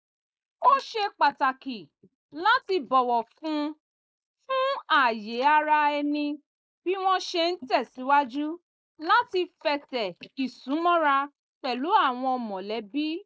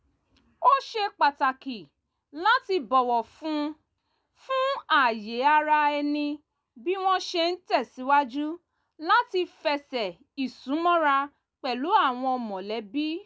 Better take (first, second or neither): second